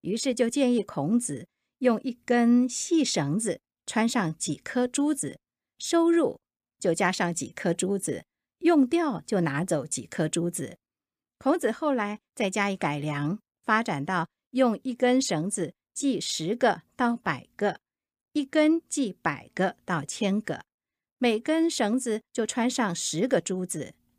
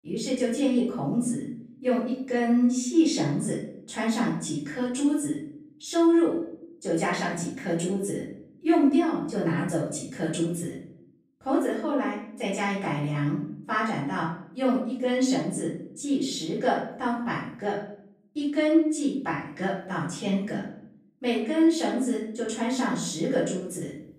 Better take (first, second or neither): first